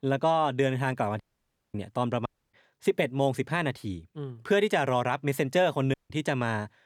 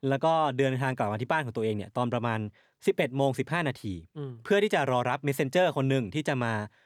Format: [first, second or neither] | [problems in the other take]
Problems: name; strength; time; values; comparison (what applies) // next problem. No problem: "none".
second | audio cutting out; at 1 s for 0.5 s, at 2.5 s and at 6 s